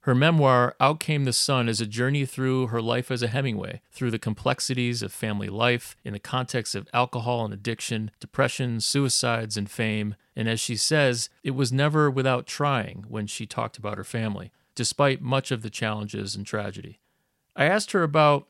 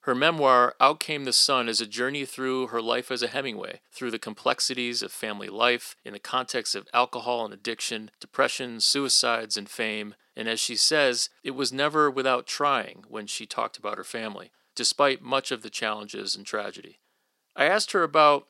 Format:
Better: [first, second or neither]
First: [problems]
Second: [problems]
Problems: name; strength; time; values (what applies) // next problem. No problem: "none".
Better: first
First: none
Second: thin; somewhat; fading below 300 Hz